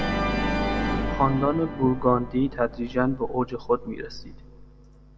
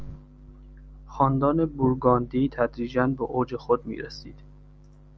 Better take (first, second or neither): second